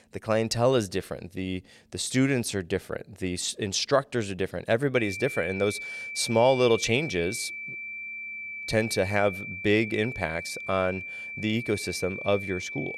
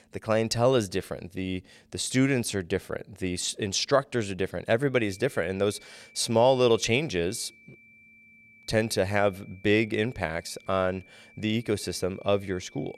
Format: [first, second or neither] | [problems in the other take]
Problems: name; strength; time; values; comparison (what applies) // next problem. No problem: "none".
second | high-pitched whine; loud; from 5 s on; 2.5 kHz, 8 dB below the speech; faint in the second